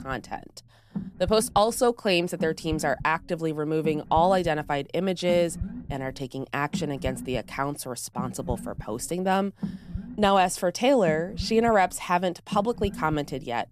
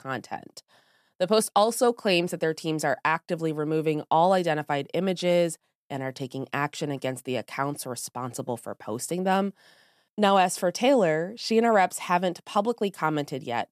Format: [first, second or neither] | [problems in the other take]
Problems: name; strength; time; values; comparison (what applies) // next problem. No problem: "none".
second | low rumble; faint; throughout; 20 dB below the speech